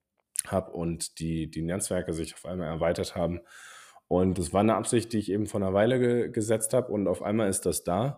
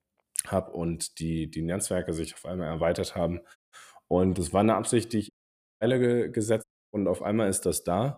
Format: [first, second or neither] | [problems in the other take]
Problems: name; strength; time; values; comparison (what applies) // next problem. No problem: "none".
first | audio cutting out; at 3.5 s, at 5.5 s for 0.5 s and at 6.5 s